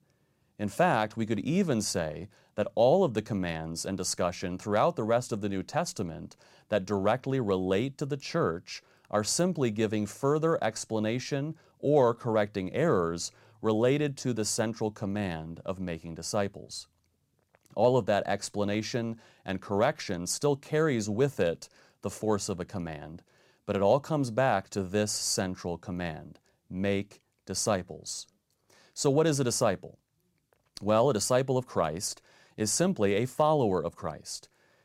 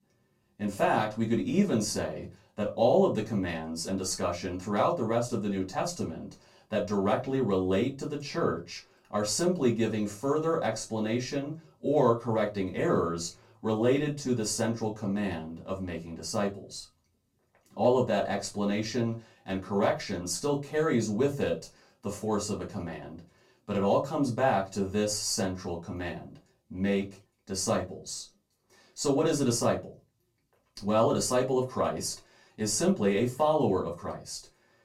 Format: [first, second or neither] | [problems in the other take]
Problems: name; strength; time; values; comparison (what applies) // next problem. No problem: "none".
first | off-mic speech; far // room echo; very slight; dies away in 0.2 s